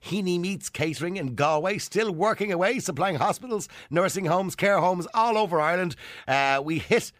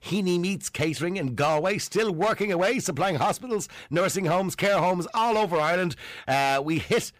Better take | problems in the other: first | distortion; slight; 8% of the sound clipped

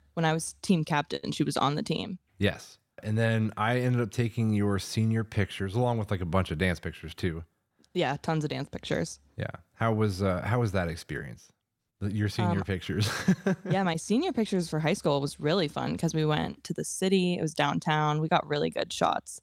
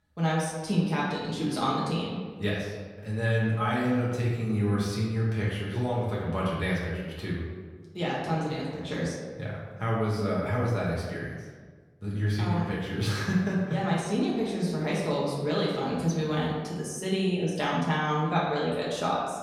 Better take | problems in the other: first | room echo; noticeable; dies away in 1.2 s // off-mic speech; far

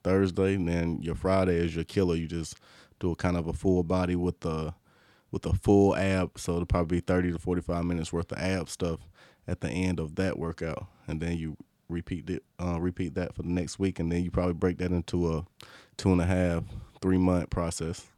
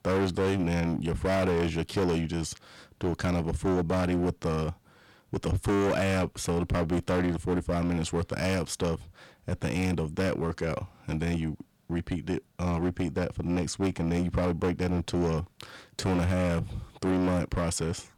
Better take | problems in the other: first | distortion; heavy; 16% of the sound clipped

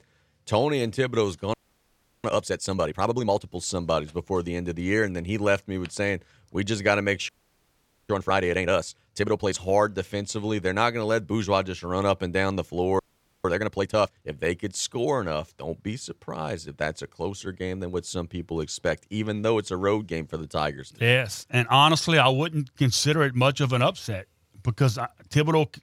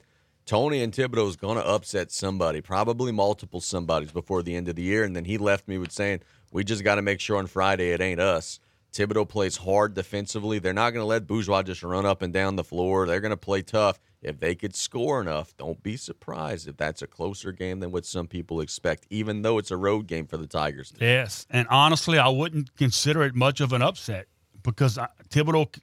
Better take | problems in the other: second | audio freezing; at 1.5 s for 0.5 s, at 7.5 s for 1 s and at 13 s

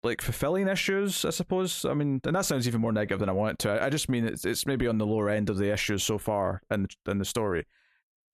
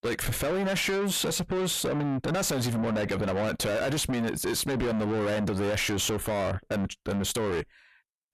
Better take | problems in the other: first | distortion; heavy; 6 dB below the speech

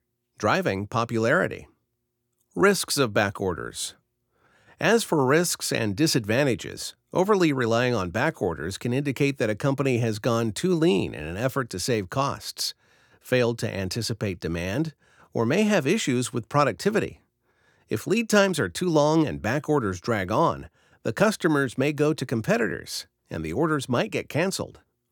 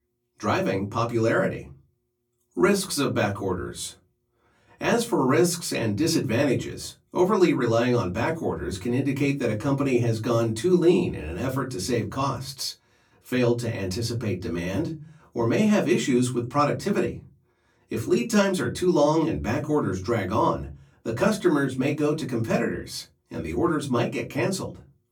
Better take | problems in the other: first | off-mic speech; far // room echo; very slight; dies away in 0.3 s

